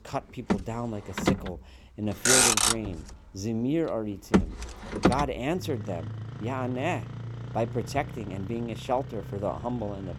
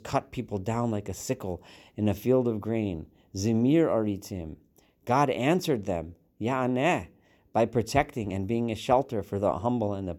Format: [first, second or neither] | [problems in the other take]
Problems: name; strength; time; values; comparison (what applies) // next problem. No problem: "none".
second | traffic noise; very loud; throughout; 5 dB above the speech